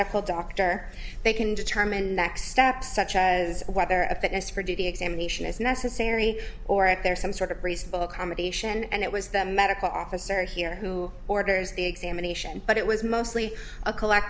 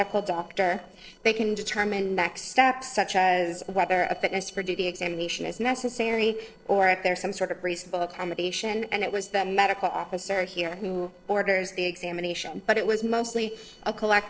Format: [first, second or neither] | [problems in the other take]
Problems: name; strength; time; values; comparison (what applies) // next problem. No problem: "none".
first | noise reduction (neural separator model SepFormer DNS4)